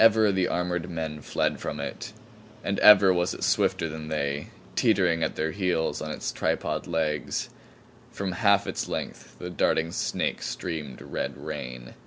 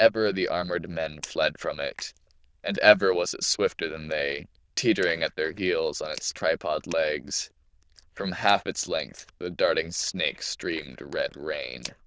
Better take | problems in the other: first | noise reduction (neural diffusion model UNIVERSE++)

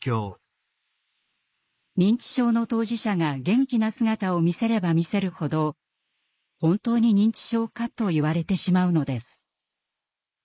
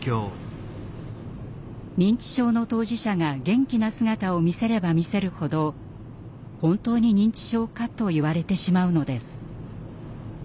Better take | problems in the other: second | noise reduction (neural mask model Resemble Enhance denoiser)

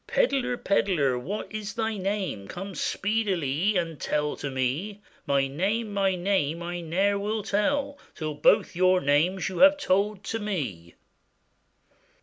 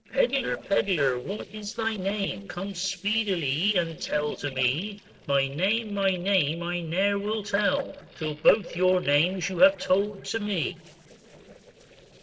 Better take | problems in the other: first | noise reduction (neural separator model SepFormer DNS4)

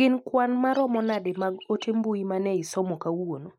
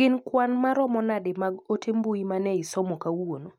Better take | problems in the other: second | noise reduction (neural mask model Resemble Enhance denoiser)

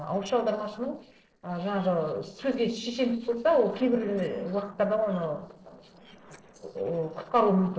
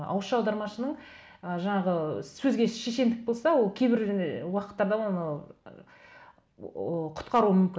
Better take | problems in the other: second | noise reduction (neural separator model SepFormer DNS4)

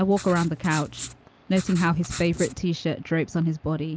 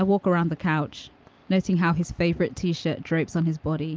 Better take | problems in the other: second | background sound (Writing); 14 dB below the speech

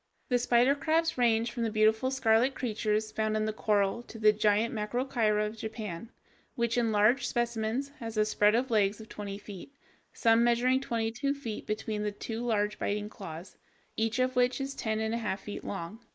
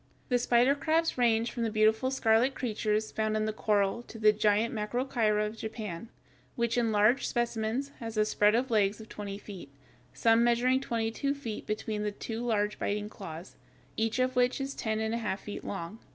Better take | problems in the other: second | noise reduction (neural mask model Resemble Enhance denoiser)

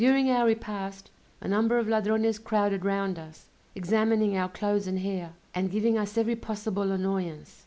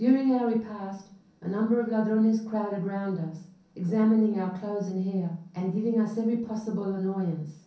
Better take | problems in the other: first | room echo; dies away in 0.6 s

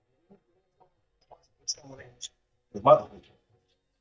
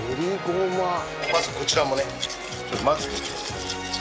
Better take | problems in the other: second | noise reduction (neural mask model DeepFilterNet 3)

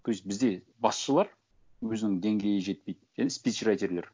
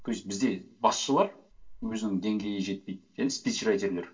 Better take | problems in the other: first | room echo; dies away in 0.2 s

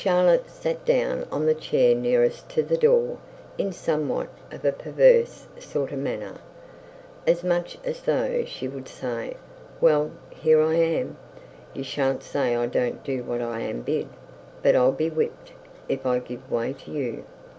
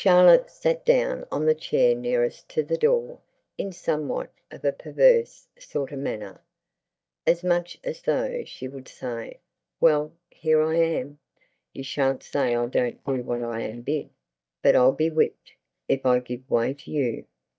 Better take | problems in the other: first | noise reduction (neural mask model DeepFilterNet 3)

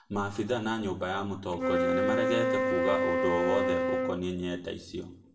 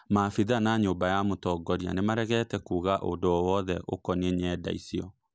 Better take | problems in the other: second | background sound (Wind instrument, woodwind instrument); 4 dB above the speech // room echo; dies away in 0.5 s

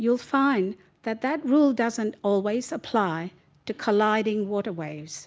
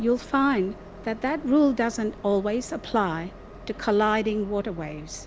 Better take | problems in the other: first | background sound (Train); 17 dB below the speech

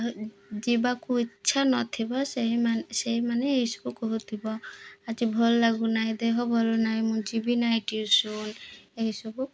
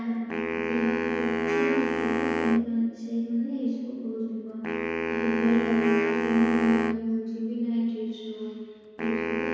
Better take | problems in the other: first | background sound (Wind instrument, woodwind instrument); 2 dB below the speech // room echo; dies away in 2.2 s

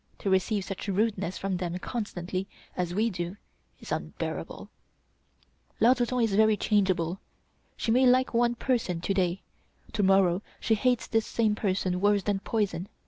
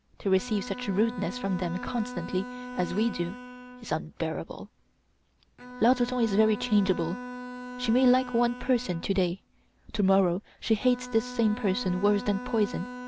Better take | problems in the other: first | background sound (Bowed string instrument); 12 dB below the speech

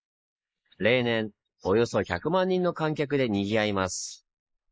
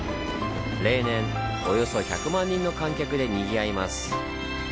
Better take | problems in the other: second | noise reduction (neural mask model Resemble Enhance denoiser)

